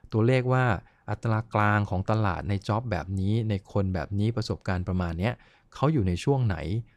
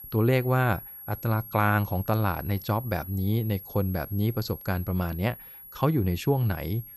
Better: first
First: none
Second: high-pitched whine; noticeable; throughout; 11.5 kHz, 15 dB below the speech

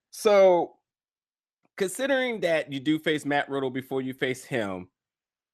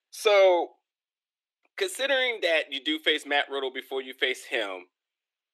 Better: first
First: none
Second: thin; somewhat; fading below 350 Hz

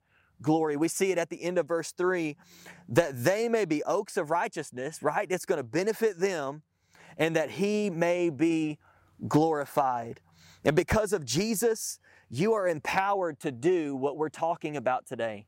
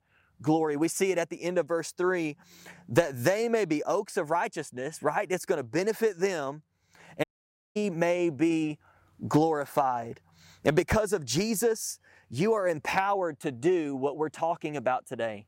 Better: first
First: none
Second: audio cutting out; at 7 s for 0.5 s

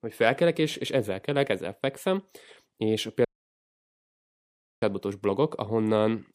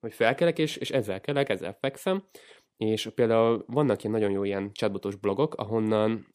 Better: second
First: audio cutting out; at 3.5 s for 1.5 s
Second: none

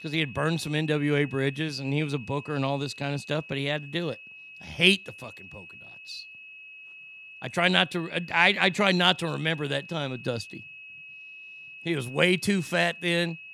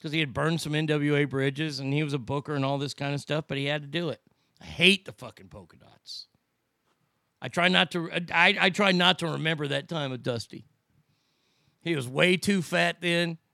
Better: second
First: high-pitched whine; noticeable; throughout; 2.5 kHz, 15 dB below the speech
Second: none

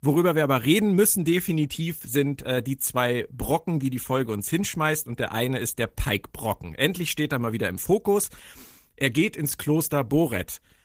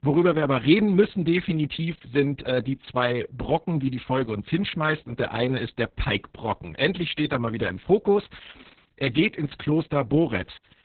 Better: first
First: garbled, watery; slightly; nothing above 15.5 kHz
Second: garbled, watery; badly; nothing above 4 kHz

